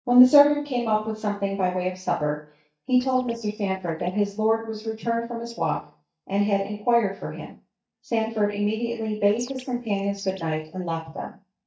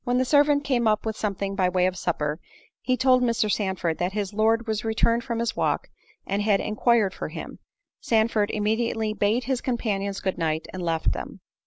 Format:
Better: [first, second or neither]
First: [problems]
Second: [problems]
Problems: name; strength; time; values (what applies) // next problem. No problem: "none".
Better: second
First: noise reduction (neural mask model DeepFilterNet 3)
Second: none